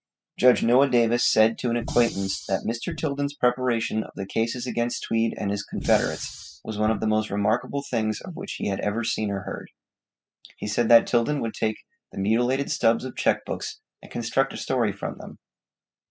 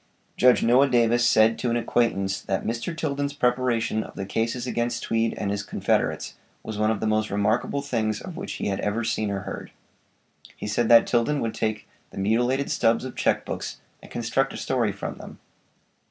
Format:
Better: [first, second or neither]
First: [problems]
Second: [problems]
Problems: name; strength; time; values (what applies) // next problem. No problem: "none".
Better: second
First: noise reduction (classical method spectral subtraction)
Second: none